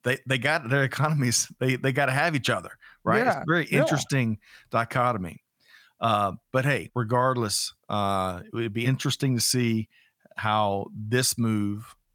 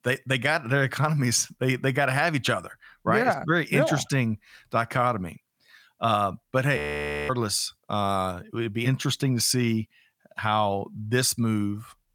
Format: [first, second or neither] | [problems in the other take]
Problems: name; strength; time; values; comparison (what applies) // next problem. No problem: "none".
first | audio freezing; at 7 s for 0.5 s